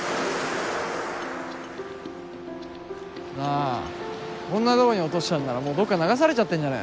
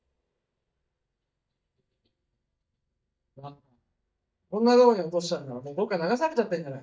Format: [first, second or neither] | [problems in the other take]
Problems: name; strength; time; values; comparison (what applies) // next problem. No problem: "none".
first | noise reduction (neural mask model DeepFilterNet 3)